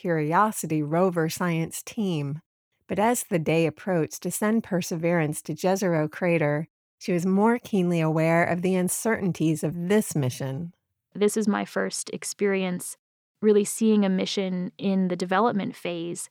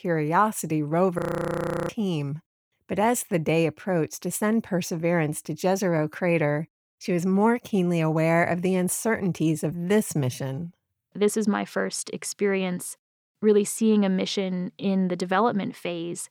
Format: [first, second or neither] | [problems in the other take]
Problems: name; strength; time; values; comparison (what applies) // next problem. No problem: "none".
first | audio freezing; at 1 s for 0.5 s